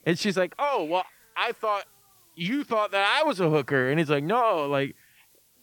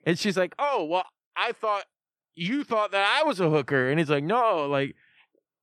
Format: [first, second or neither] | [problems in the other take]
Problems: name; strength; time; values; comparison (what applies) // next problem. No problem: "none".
second | hiss; faint; throughout; 30 dB below the speech